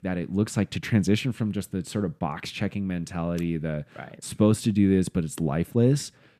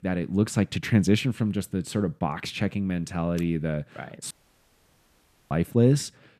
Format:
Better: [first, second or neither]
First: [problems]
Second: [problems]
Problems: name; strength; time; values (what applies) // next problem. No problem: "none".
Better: first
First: none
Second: audio cutting out; at 4.5 s for 1 s